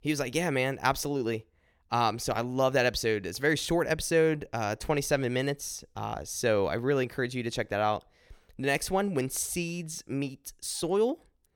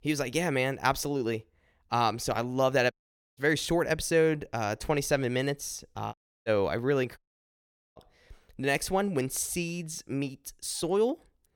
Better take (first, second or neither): first